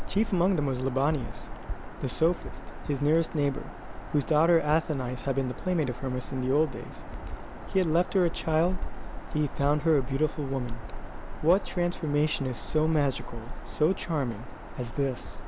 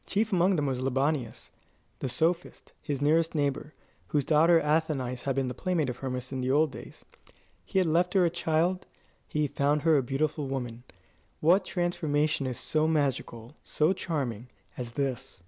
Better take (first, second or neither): second